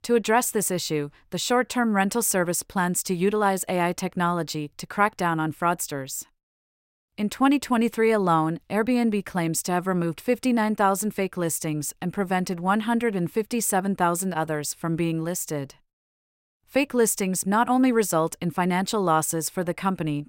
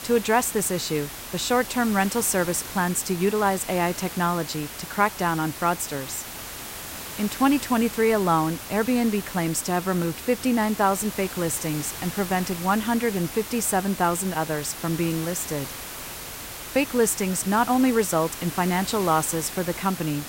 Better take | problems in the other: first | hiss; loud; throughout; 10 dB below the speech

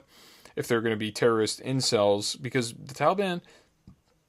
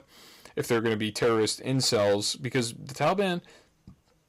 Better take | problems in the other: first | distortion; slight; 5% of the sound clipped

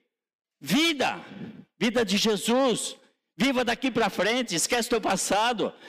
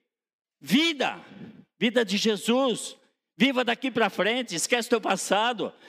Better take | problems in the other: second | distortion; heavy; 8 dB below the speech

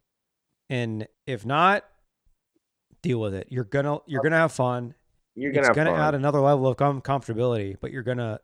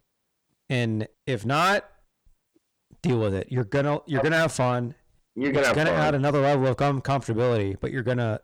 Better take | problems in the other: first | distortion; heavy; 7 dB below the speech

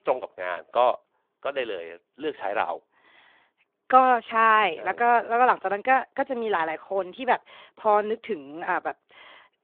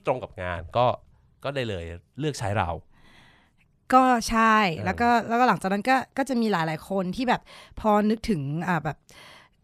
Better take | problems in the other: second | phone-call audio

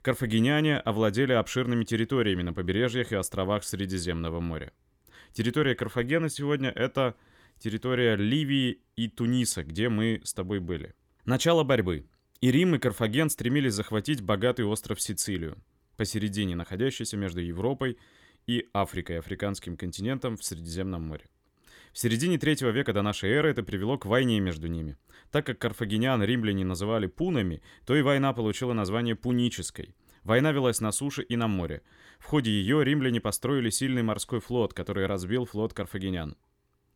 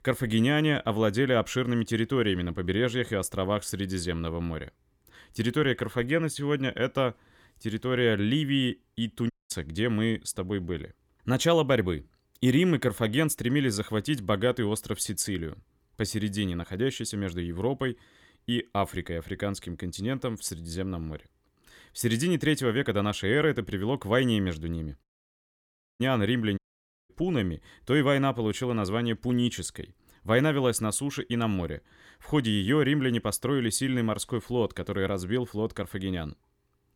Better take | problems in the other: first | audio cutting out; at 9.5 s, at 25 s for 1 s and at 27 s for 0.5 s

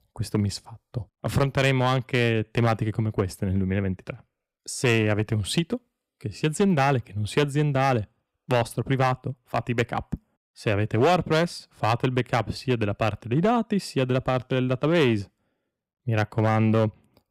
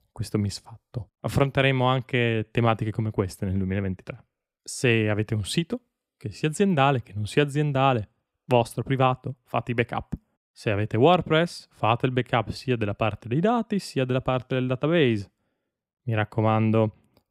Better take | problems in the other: second | distortion; slight; 3% of the sound clipped

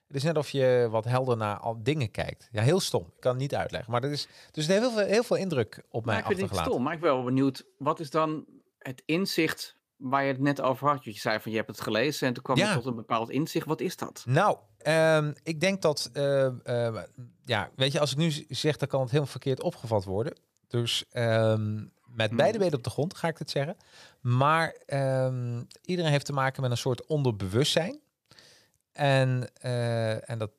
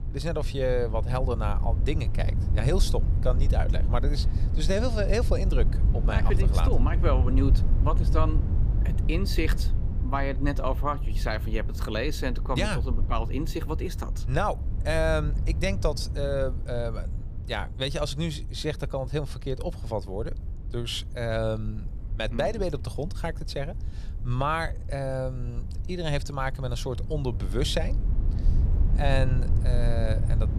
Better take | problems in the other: first | low rumble; noticeable; throughout; 15 dB below the speech

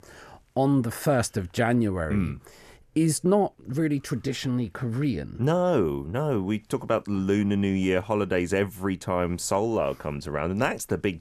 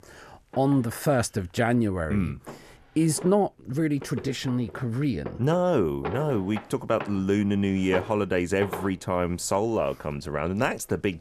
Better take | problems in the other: first | household noises; noticeable; throughout; 15 dB below the speech

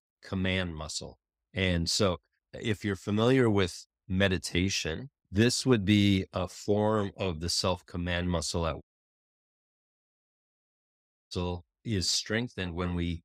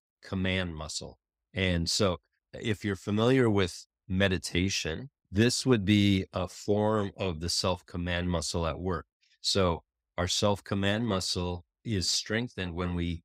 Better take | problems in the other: second | audio cutting out; at 9 s for 2.5 s

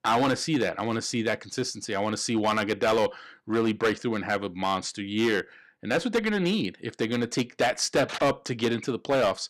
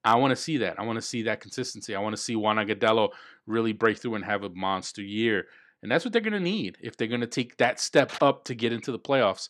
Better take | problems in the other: second | distortion; heavy; 6% of the sound clipped

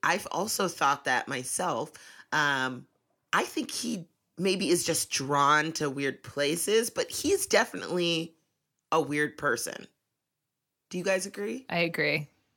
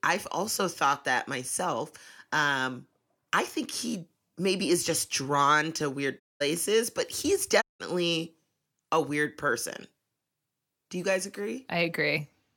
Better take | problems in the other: first | audio cutting out; at 6 s and at 7.5 s

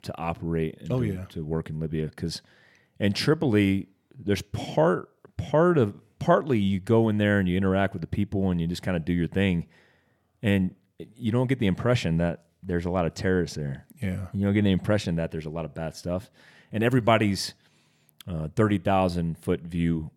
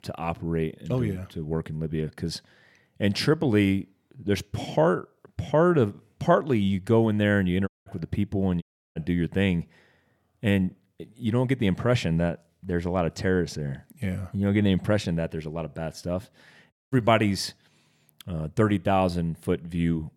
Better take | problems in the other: first | audio cutting out; at 7.5 s, at 8.5 s and at 17 s

